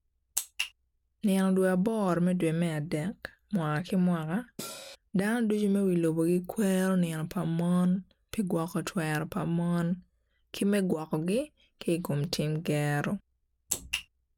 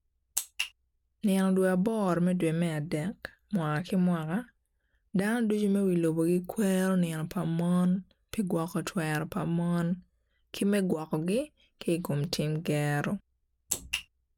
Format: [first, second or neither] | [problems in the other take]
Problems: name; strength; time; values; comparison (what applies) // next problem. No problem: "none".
second | background sound (Cymbal); 12 dB below the speech